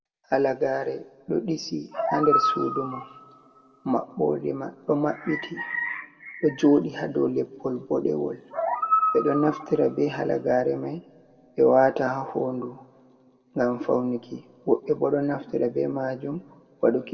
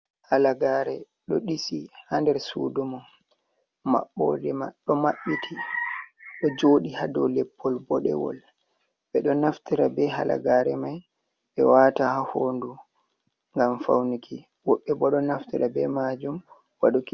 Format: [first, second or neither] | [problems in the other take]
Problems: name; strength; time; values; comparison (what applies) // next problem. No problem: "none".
second | background sound (Animal); 2 dB below the speech // room echo; dies away in 1.2 s